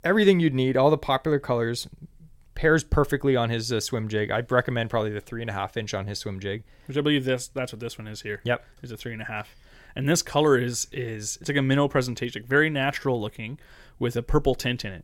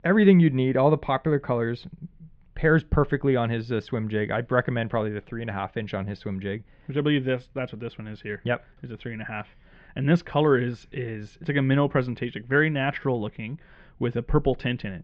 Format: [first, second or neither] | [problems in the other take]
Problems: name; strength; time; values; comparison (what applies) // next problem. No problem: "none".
first | muffled; very; fading above 3 kHz